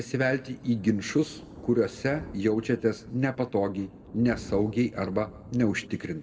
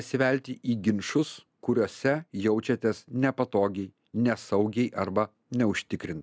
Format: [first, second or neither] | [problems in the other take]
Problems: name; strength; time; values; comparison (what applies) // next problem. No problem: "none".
second | background sound (Thunder); 19 dB below the speech // room echo; dies away in 0.9 s